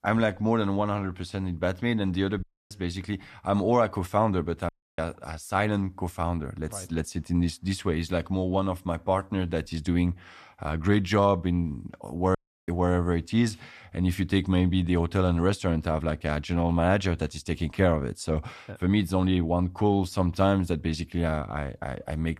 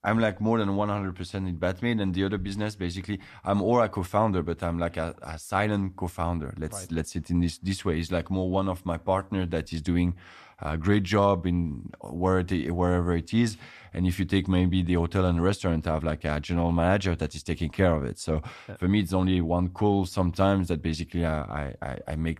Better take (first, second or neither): second